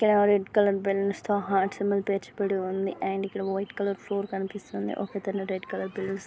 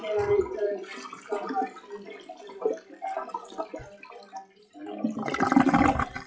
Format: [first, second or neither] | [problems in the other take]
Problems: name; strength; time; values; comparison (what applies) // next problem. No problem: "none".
first | noise reduction (classical method WPE with log-MMSE)